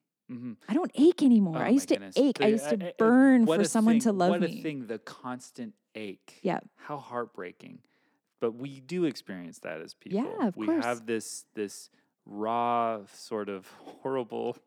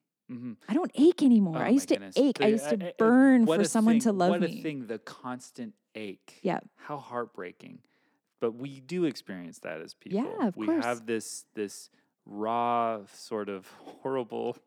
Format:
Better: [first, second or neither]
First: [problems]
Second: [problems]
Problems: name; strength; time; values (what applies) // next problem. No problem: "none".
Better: neither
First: none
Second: none